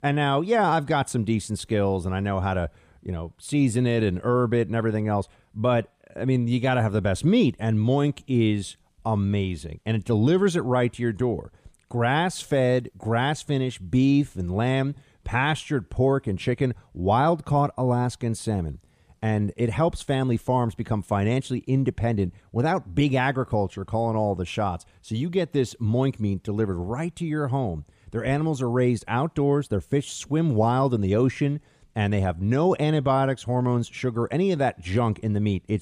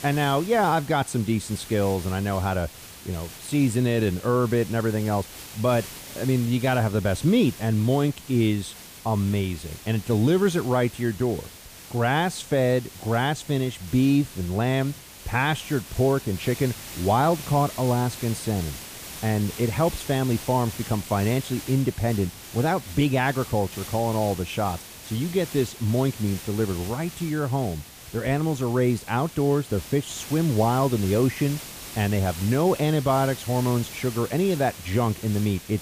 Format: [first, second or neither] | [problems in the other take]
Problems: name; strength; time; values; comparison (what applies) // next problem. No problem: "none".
first | hiss; noticeable; throughout; 15 dB below the speech